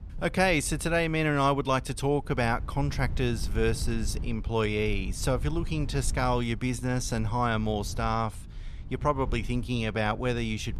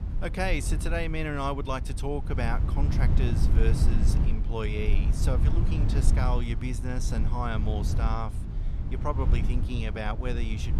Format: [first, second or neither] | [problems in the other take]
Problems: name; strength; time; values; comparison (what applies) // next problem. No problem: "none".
first | low rumble; loud; throughout; 8 dB below the speech; faint in the first